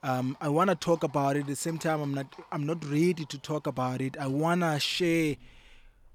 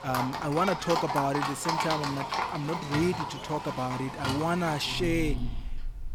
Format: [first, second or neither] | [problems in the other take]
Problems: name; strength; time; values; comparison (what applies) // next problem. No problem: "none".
first | animal sounds; loud; throughout; 3 dB below the speech; faint in the first